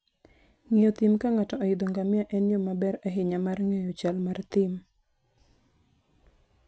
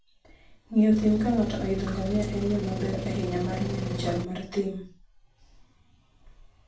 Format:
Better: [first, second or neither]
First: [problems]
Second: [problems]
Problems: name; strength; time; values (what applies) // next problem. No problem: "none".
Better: first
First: none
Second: background sound (Engine); 4 dB below the speech // room echo; dies away in 0.3 s